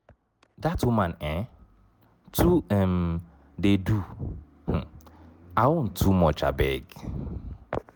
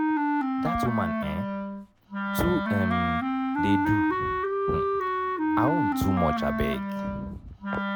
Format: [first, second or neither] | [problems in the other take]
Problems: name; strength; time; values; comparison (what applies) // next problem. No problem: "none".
first | background sound (Wind instrument, woodwind instrument); 4 dB above the speech